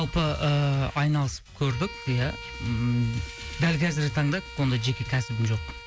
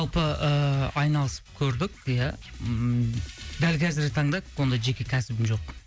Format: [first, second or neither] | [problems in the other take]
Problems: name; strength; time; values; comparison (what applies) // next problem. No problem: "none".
second | background sound (Bowed string instrument); 17 dB below the speech